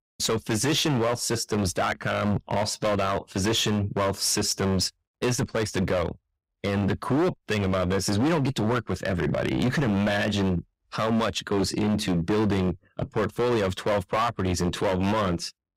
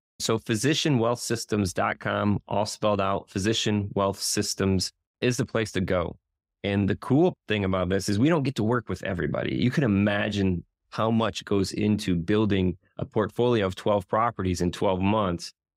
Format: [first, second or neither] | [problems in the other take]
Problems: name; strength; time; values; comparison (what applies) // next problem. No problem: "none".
second | distortion; heavy; 17% of the sound clipped